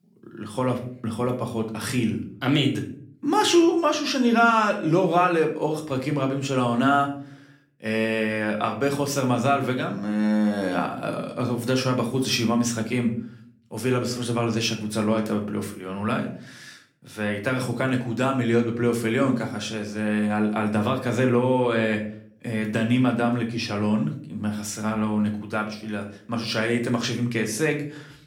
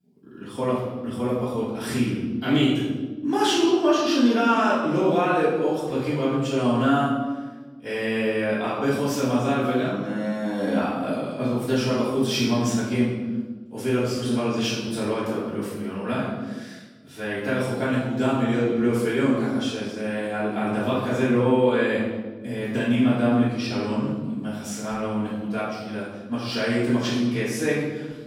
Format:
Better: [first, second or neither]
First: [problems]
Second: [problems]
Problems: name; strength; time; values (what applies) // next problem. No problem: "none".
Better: first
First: room echo; slight; dies away in 0.5 s // off-mic speech; somewhat distant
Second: room echo; strong; dies away in 1.2 s // off-mic speech; far